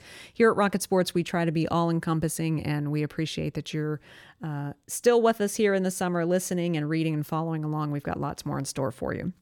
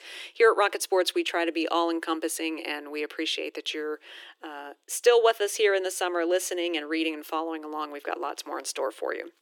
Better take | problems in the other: first | thin; very; fading below 300 Hz

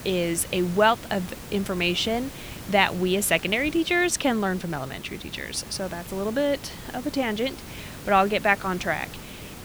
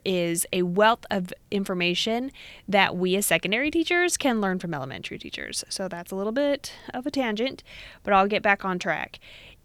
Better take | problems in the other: second | hiss; noticeable; throughout; 15 dB below the speech

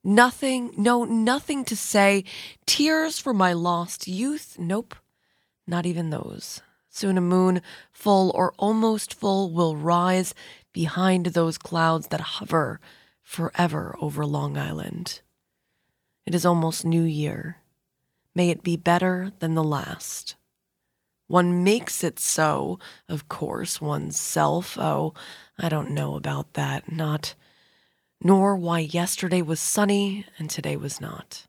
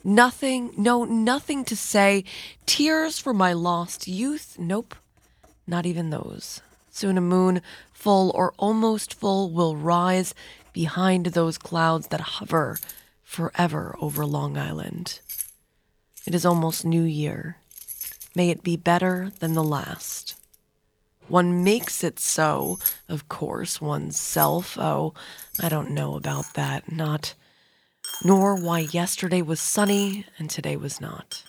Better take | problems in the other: first | household noises; noticeable; throughout; 10 dB below the speech

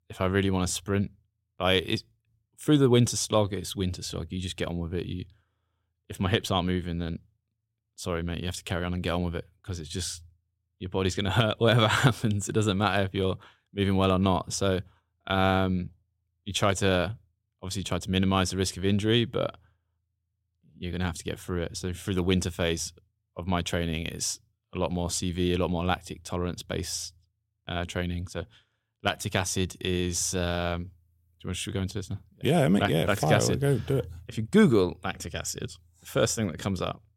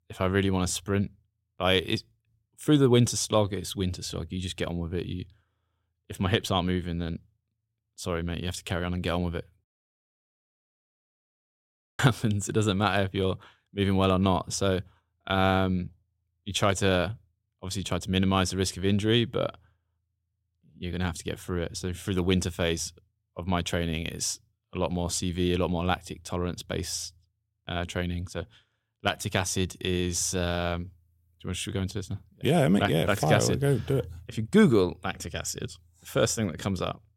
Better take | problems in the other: first | audio cutting out; at 9.5 s for 2.5 s

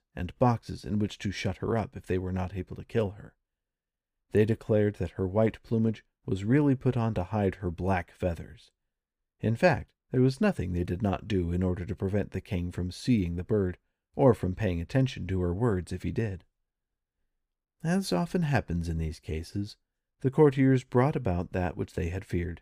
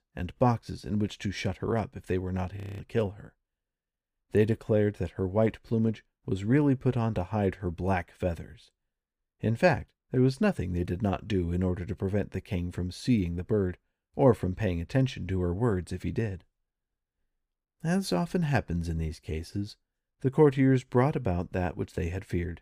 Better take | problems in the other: first | audio freezing; at 2.5 s

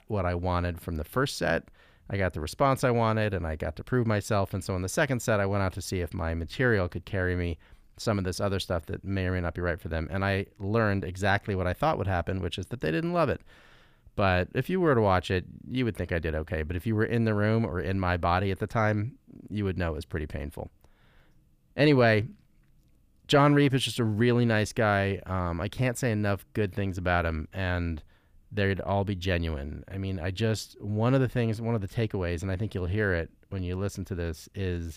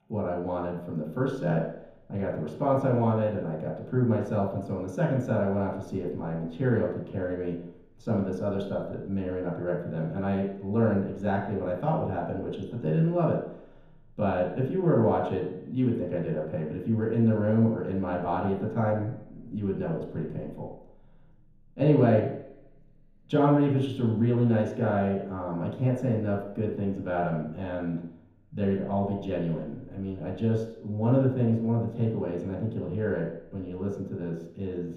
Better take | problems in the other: first | room echo; noticeable; dies away in 3 s // off-mic speech; far

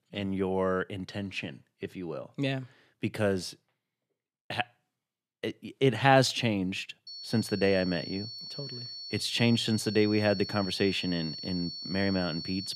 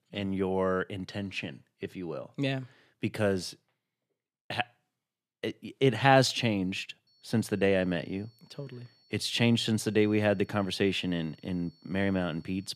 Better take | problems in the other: second | high-pitched whine; loud; from 7 s on; 4.5 kHz, 9 dB below the speech; faint in the second

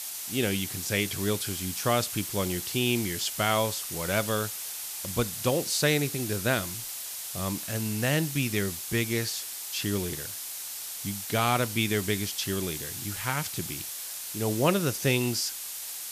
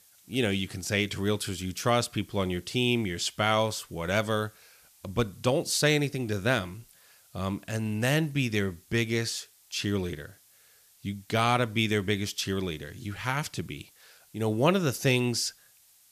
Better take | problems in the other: second | hiss; loud; throughout; 5 dB below the speech; faint in the second

